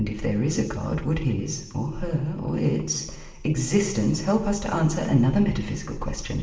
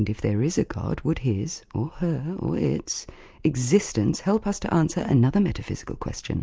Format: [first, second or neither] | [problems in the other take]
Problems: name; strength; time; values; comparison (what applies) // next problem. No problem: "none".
second | room echo; dies away in 1 s